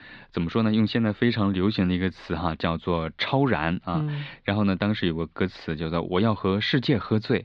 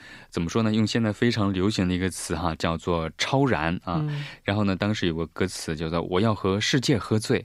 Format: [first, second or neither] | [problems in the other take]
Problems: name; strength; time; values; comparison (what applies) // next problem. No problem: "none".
second | muffled; very slightly; fading above 4 kHz